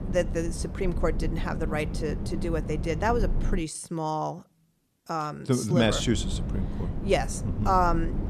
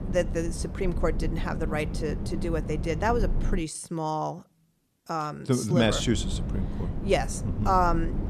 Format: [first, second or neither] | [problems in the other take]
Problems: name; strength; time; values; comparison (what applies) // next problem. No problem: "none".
neither | low rumble; noticeable; until 3.5 s and from 6 s on; 15 dB below the speech; the same in both